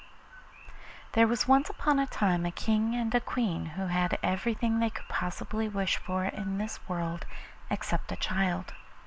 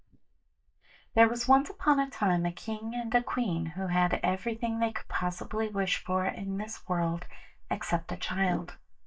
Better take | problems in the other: first | noise reduction (neural mask model DeepFilterNet 3)

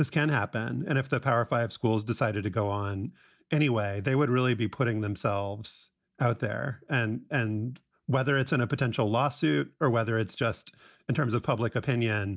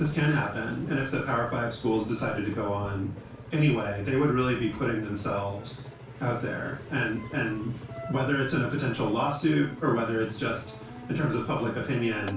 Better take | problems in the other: first | background sound (Engine); 14 dB below the speech // room echo; dies away in 0.3 s

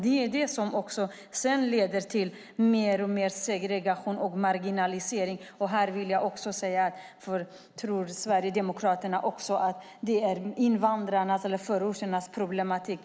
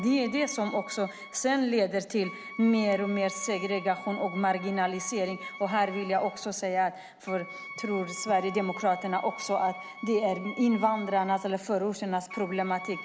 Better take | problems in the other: first | background sound (Wind instrument, woodwind instrument); 14 dB below the speech

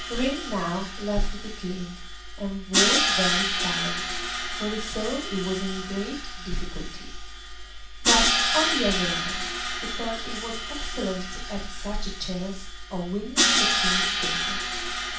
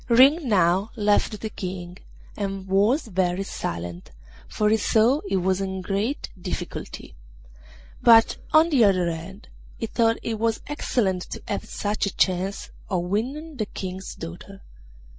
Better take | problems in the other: second | background sound (Crash cymbal); 2 dB above the speech // room echo; dies away in 0.4 s

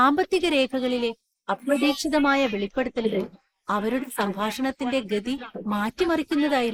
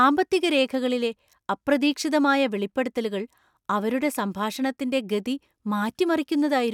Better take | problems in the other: second | noise reduction (neural mask model Resemble Enhance denoiser)

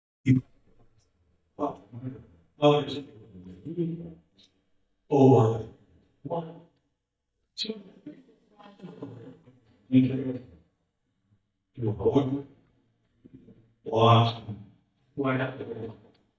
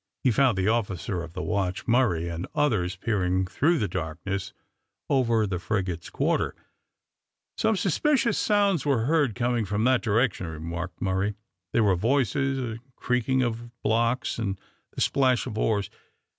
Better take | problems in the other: second | noise reduction (neural mask model DeepFilterNet 3)

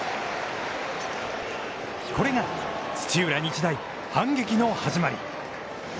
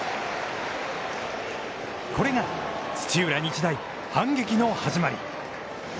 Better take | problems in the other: second | background sound (Scratching (performance technique)); 18 dB below the speech

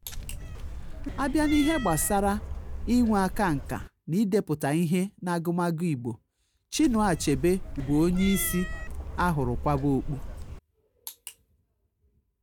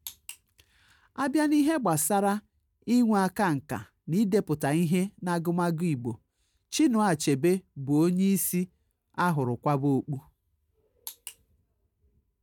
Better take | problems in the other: second | background sound (Cat); 7 dB below the speech

